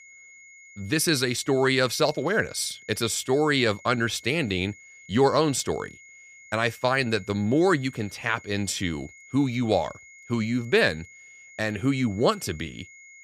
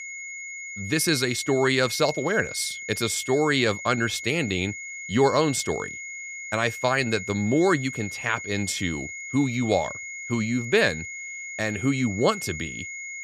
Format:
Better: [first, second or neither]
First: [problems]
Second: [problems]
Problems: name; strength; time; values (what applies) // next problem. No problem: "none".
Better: first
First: high-pitched whine; faint; throughout; 2 kHz, 20 dB below the speech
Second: high-pitched whine; loud; throughout; 2 kHz, 9 dB below the speech